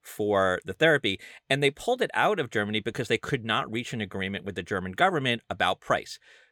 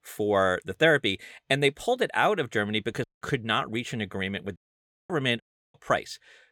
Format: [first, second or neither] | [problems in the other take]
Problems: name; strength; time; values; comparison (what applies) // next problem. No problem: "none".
first | audio cutting out; at 3 s, at 4.5 s for 0.5 s and at 5.5 s